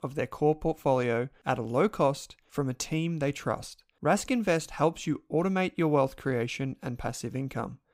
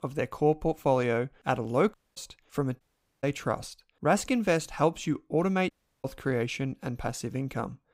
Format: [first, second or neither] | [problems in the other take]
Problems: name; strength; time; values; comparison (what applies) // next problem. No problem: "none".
first | audio cutting out; at 2 s, at 3 s and at 5.5 s